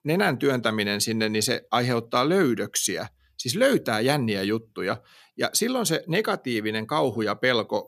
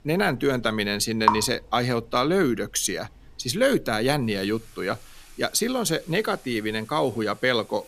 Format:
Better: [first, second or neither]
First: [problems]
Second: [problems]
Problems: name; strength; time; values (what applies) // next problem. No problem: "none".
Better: first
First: none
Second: rain or running water; loud; throughout; 1 dB below the speech